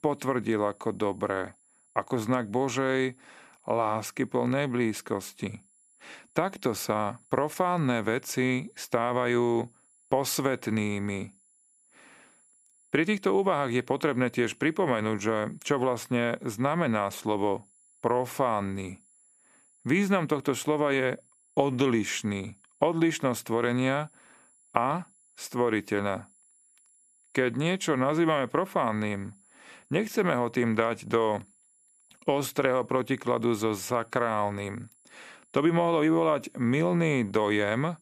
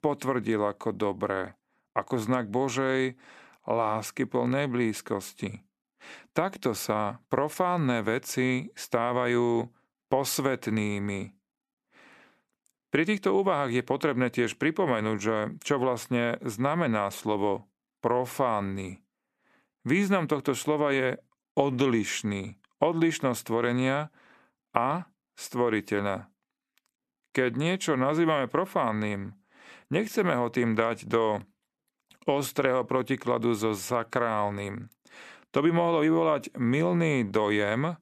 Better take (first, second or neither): second